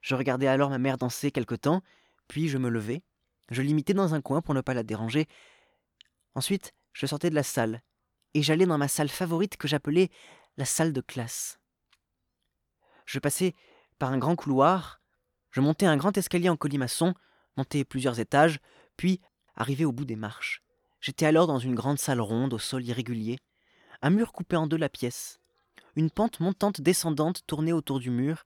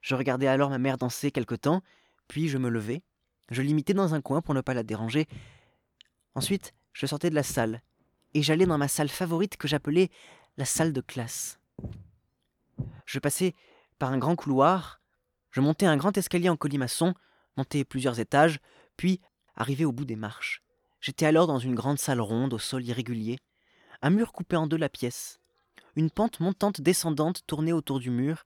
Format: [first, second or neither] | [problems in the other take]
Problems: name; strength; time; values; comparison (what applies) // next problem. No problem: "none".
first | footsteps; faint; from 5.5 to 13 s; peak 10 dB below the speech